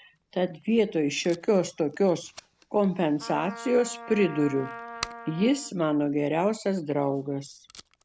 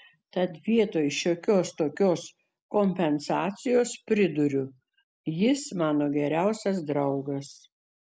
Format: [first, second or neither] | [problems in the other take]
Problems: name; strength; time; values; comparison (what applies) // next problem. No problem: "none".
second | background sound (Packing tape, duct tape + Trumpet); 17 dB below the speech